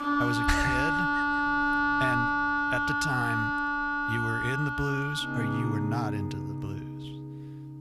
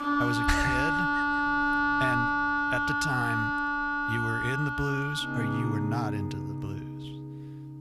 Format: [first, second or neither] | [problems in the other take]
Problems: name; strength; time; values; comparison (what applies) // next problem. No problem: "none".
neither | background music; very loud; throughout; 5 dB above the speech; the same in both